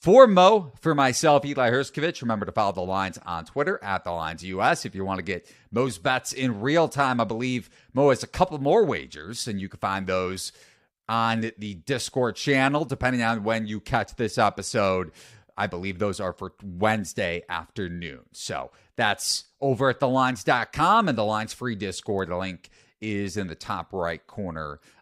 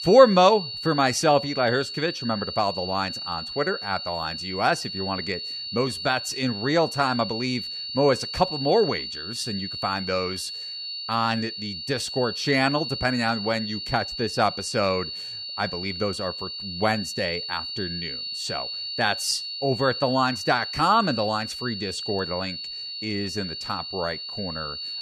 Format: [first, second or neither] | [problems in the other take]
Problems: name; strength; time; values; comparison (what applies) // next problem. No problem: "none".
first | high-pitched whine; loud; throughout; 4.5 kHz, 6 dB below the speech